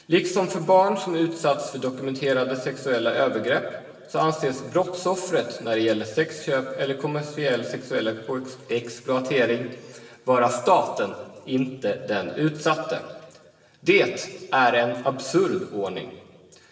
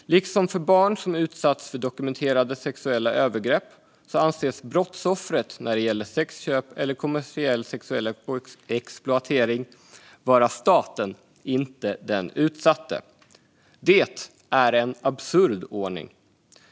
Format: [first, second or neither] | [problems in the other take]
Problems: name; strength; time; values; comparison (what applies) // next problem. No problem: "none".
second | room echo; dies away in 1.4 s